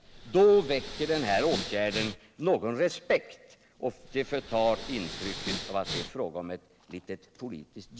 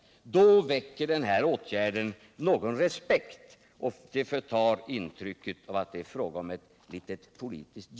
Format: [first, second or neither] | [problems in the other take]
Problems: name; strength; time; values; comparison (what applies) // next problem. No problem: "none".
second | background sound (Respiratory sounds); 12 dB below the speech